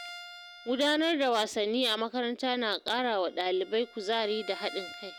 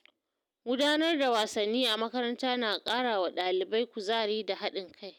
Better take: second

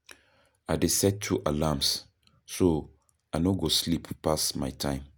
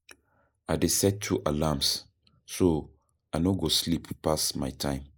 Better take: first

